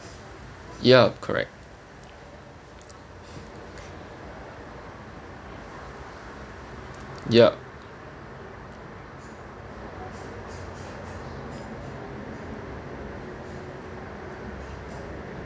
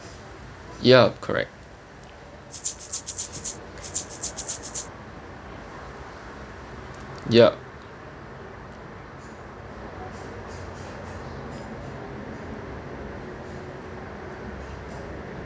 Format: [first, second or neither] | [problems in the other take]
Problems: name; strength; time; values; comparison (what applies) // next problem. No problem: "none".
first | background sound (Rattle (instrument)); 6 dB below the speech